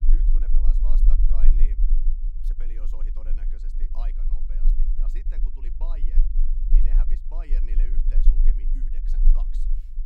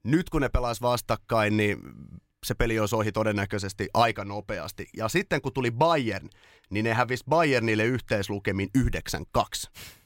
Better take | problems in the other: second | low rumble; loud; throughout; 1 dB below the speech

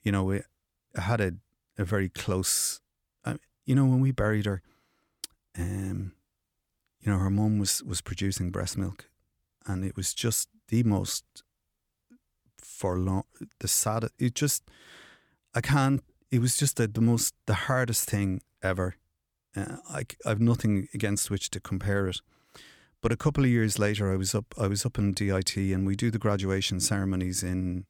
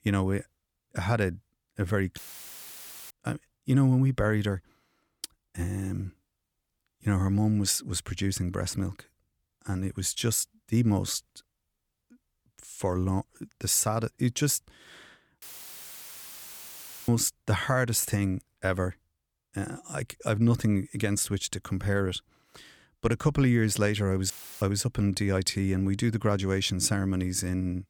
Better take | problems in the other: first | audio cutting out; filled with static; at 2 s for 1 s, at 15 s for 1.5 s and at 24 s

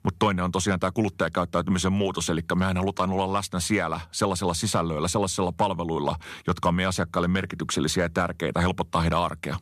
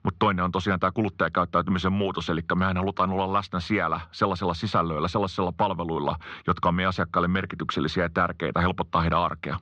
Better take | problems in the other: first | muffled; slightly; fading above 4 kHz

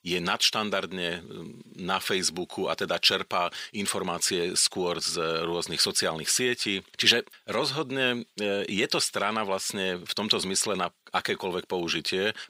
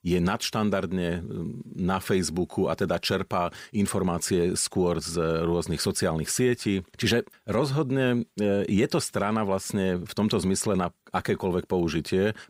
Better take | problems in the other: second | thin; somewhat; fading below 550 Hz

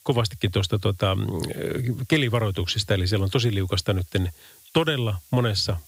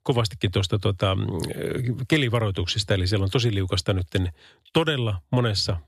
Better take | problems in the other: second | hiss; faint; throughout; 25 dB below the speech

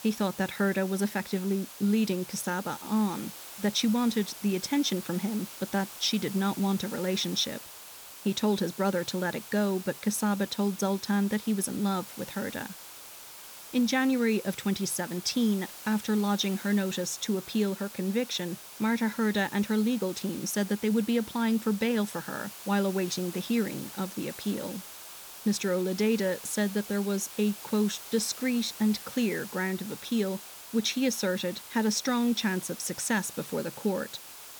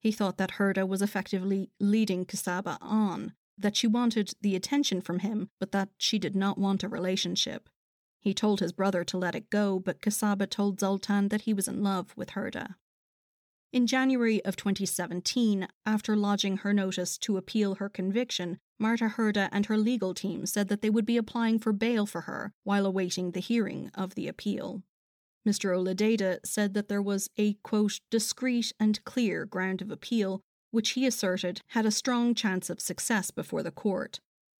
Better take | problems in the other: second | hiss; noticeable; throughout; 15 dB below the speech

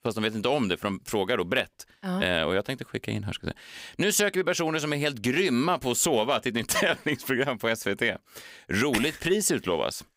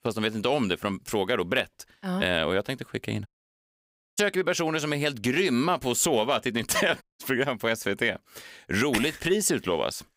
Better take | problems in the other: first | audio cutting out; at 3.5 s for 1 s and at 7 s

